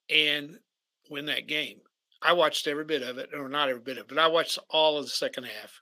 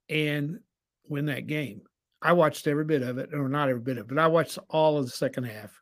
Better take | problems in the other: second | thin; somewhat; fading below 400 Hz

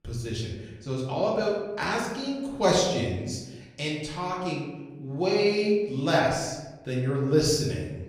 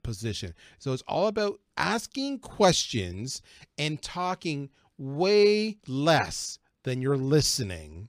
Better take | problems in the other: second | room echo; noticeable; dies away in 1 s // off-mic speech; far

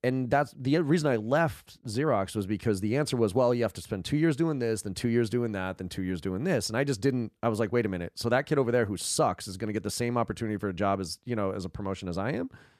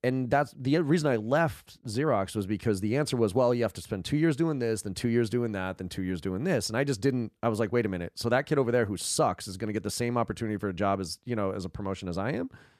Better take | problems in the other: neither | none

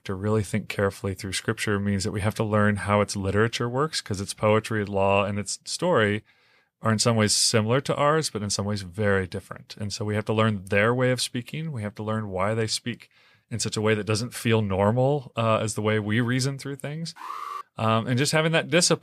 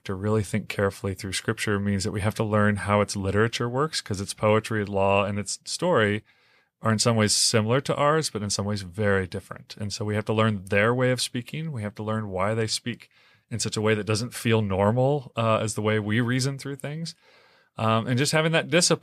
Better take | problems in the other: second | alarm; noticeable; at 17 s; peak 9 dB below the speech

